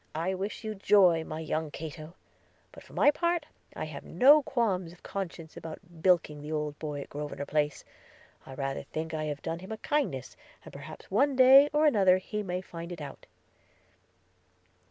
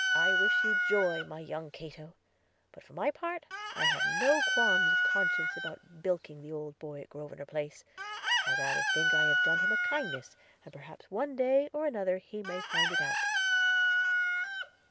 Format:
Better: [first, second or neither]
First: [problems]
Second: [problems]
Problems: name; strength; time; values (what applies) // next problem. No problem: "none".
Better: first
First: none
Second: background sound (Chicken, rooster); 5 dB above the speech